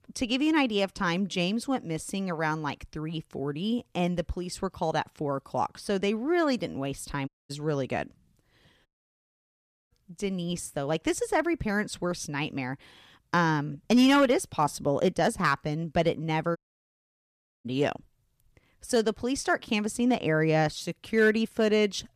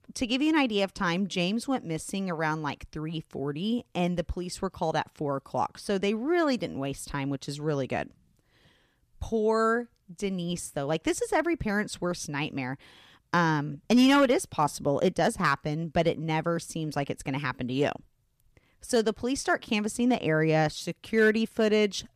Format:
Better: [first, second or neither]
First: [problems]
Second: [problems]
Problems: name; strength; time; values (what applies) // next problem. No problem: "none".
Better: second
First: audio cutting out; at 7.5 s, at 9 s for 1 s and at 17 s for 1 s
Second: none